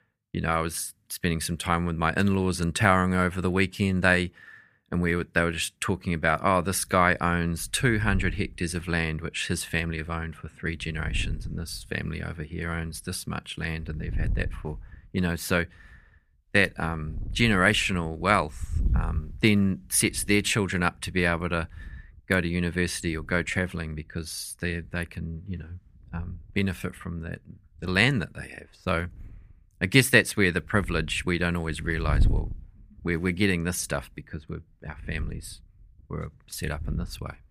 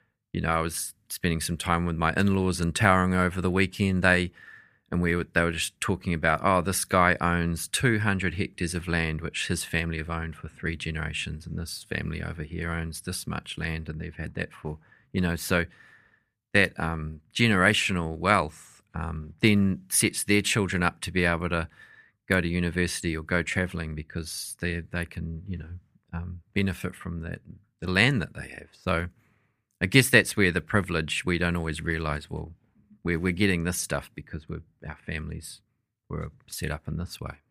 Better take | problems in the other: second | wind noise on the microphone; occasional gusts; from 6.5 s on; 25 dB below the speech

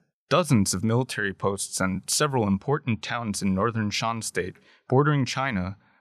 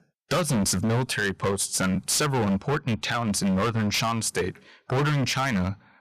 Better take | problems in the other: first | distortion; heavy; 22% of the sound clipped

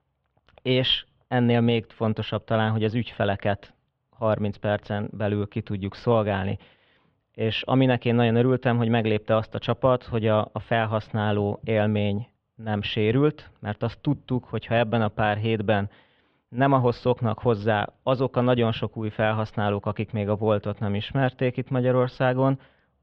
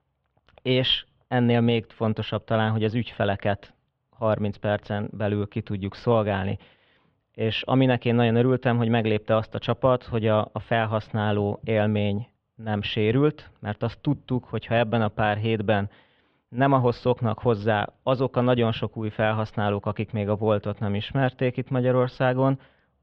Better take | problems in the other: neither | muffled; very; fading above 3 kHz; the same in both

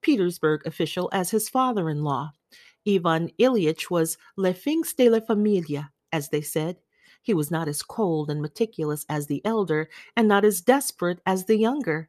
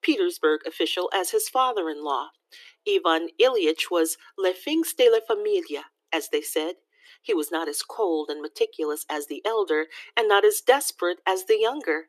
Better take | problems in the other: first | thin; very; fading below 300 Hz

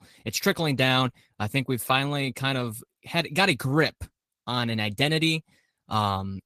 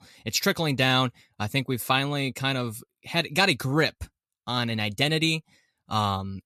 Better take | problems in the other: second | garbled, watery; slightly; nothing above 14.5 kHz

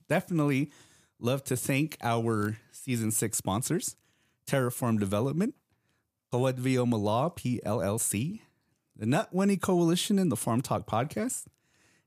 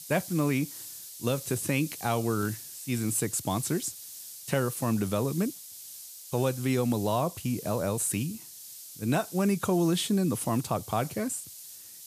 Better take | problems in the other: first | hiss; noticeable; throughout; 10 dB below the speech

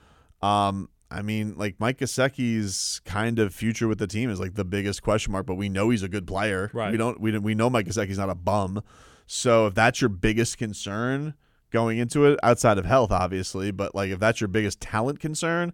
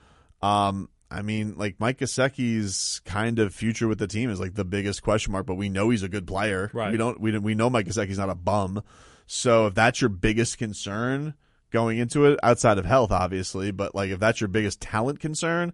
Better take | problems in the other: first | garbled, watery; slightly; nothing above 10.5 kHz

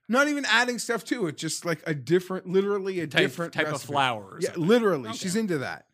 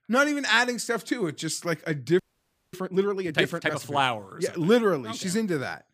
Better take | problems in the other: first | audio freezing; at 2 s for 0.5 s

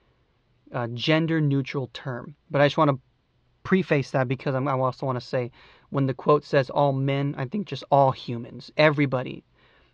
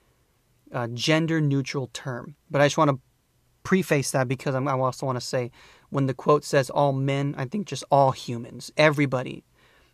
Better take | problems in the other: second | muffled; very slightly; fading above 4 kHz

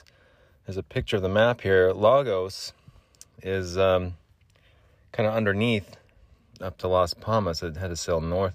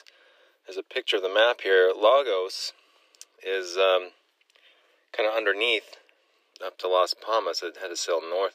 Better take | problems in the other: first | thin; very; fading below 300 Hz

